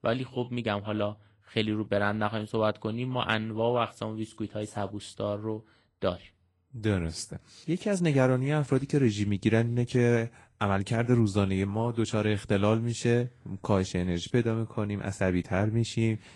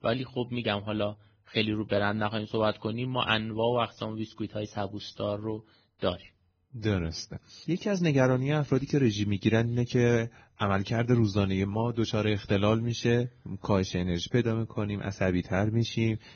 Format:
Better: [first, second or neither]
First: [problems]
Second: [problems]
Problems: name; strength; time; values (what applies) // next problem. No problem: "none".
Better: first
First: garbled, watery; slightly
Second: garbled, watery; badly; nothing above 6.5 kHz